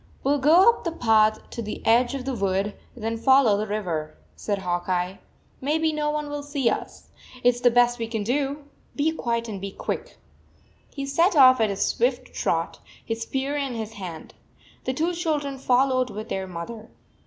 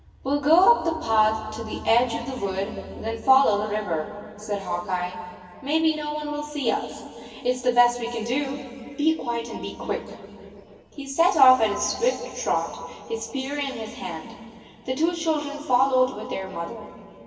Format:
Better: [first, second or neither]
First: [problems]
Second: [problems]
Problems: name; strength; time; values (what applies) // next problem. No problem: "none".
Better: first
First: none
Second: room echo; dies away in 2.5 s